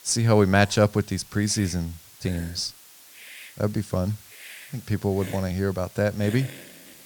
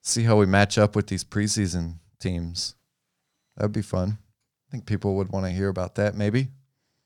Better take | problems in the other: second | hiss; noticeable; throughout; 20 dB below the speech

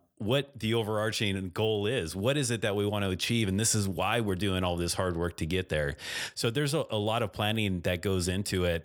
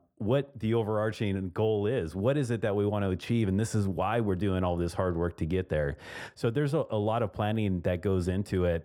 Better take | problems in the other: first | muffled; slightly; fading above 2 kHz

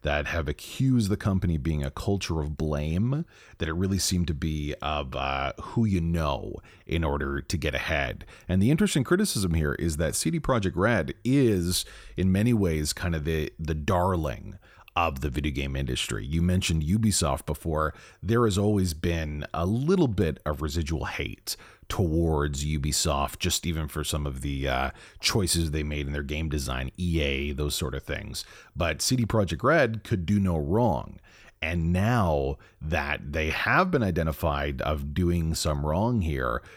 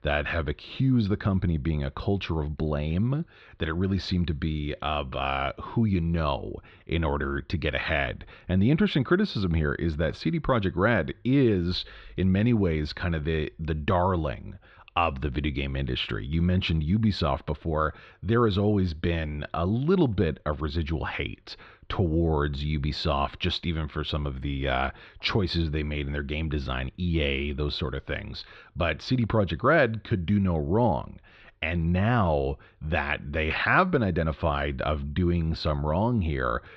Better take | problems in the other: first | muffled; slightly; fading above 4 kHz

